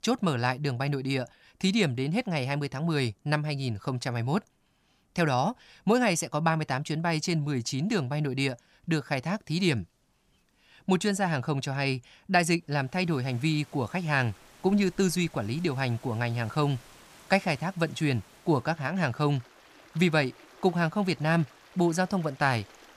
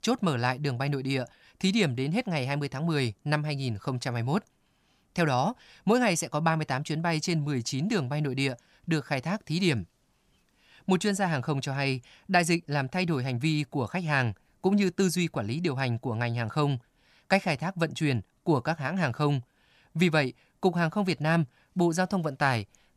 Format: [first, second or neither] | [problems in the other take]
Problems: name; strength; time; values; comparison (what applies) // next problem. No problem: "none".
second | rain or running water; faint; from 13 s on; 25 dB below the speech